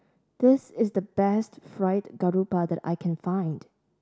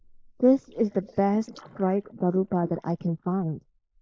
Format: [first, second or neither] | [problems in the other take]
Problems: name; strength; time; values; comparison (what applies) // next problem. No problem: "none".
first | noise reduction (neural mask model Resemble Enhance denoiser)